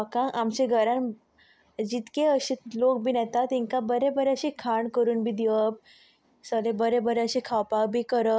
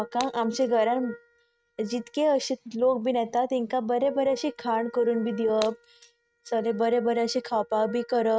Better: first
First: none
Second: noise reduction (neural mask model RNNoise)

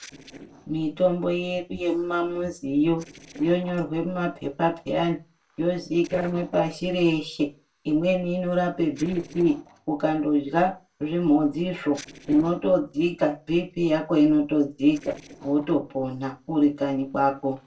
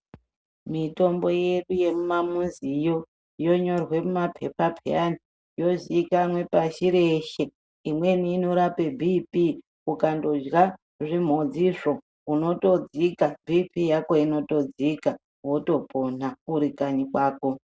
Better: second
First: noise reduction (neural separator model SepFormer DNS4)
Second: none

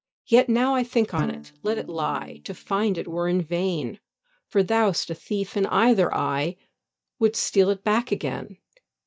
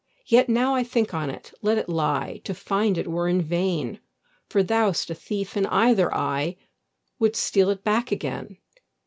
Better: second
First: noise reduction (neural mask model DeepFilterNet 3)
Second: none

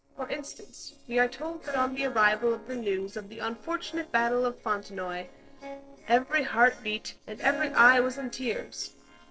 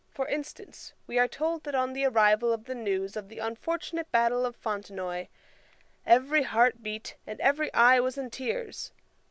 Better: second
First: noise reduction (neural separator model SepFormer DNS4)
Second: none

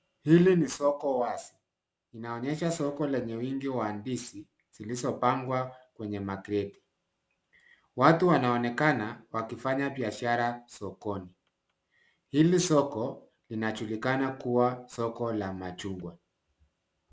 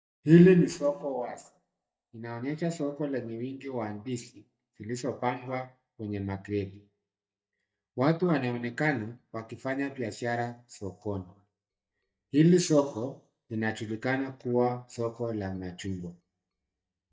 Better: first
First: none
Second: noise reduction (neural mask model DeepFilterNet 3)

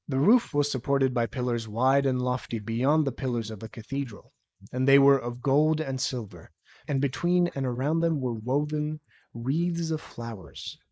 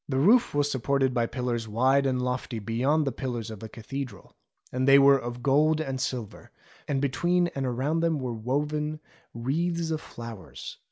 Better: second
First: noise reduction (neural mask model Resemble Enhance denoiser)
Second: none

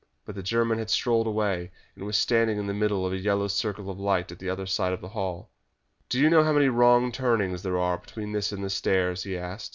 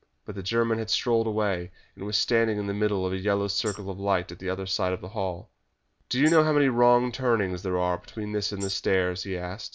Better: first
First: none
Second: background sound (Tambourine); 19 dB below the speech

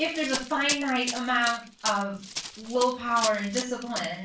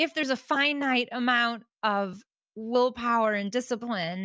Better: second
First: background sound (Run); 8 dB below the speech // room echo; dies away in 0.3 s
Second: none

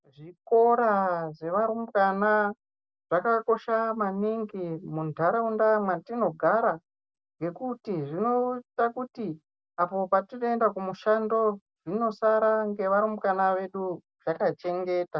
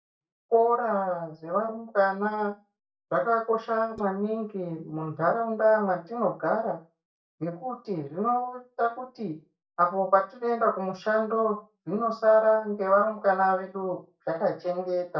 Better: first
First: none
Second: noise reduction (neural mask model DeepFilterNet 3)

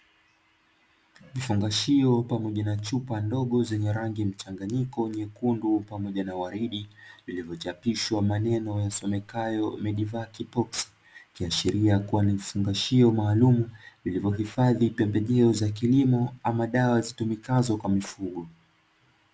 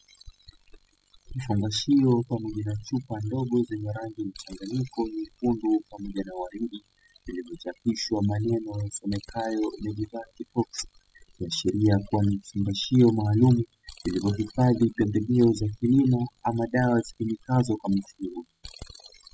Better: first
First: none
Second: noise reduction (classical method spectral subtraction)

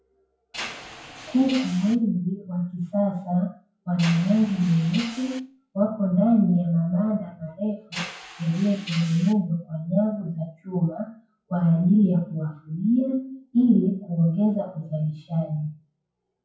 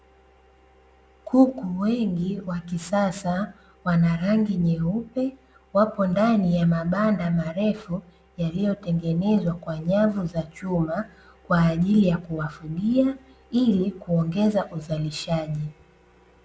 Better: second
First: noise reduction (classical method WPE with log-MMSE)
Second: none

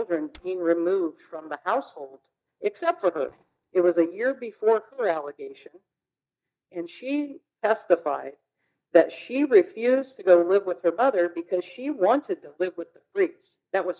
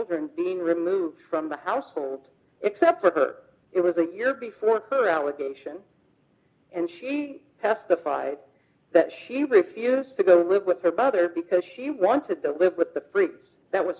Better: second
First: noise reduction (neural mask model DeepFilterNet 3)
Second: none

